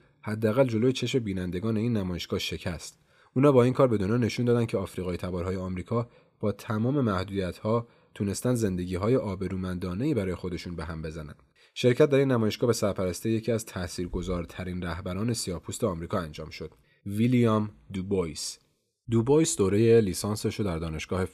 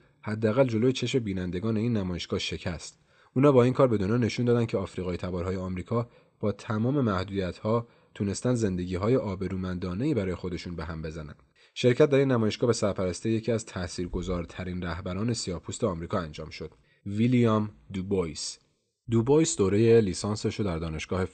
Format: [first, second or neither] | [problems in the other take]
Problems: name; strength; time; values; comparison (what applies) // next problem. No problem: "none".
first | garbled, watery; slightly; nothing above 8.5 kHz